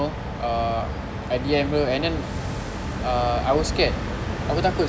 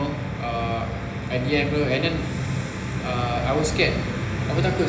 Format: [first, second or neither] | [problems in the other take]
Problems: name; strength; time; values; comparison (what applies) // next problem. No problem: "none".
first | room echo; dies away in 1 s